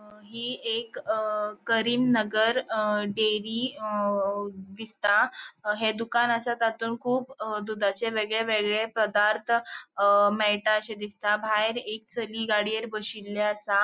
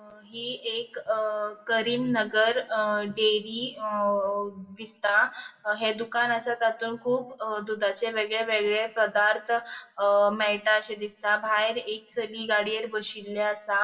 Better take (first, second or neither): first